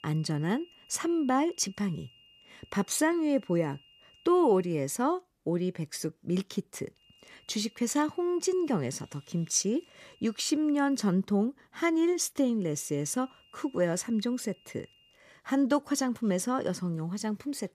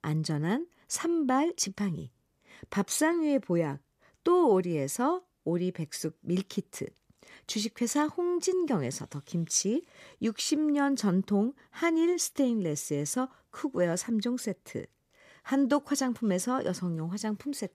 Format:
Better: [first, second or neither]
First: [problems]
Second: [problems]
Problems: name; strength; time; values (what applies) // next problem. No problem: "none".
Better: second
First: high-pitched whine; faint; until 5 s, from 7 to 11 s and from 13 to 15 s; 3 kHz, 30 dB below the speech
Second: none